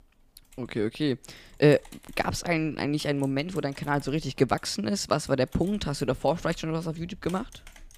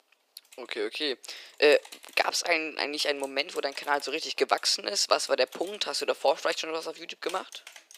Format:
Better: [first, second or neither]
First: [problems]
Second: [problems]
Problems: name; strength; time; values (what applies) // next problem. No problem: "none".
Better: first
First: none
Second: thin; very; fading below 450 Hz